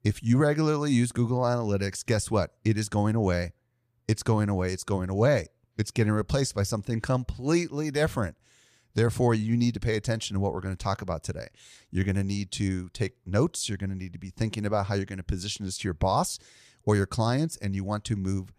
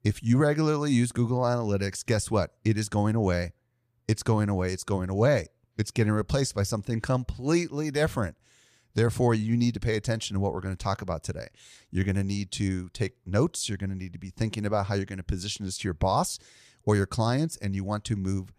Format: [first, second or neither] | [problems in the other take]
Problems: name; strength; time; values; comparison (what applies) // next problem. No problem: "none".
neither | none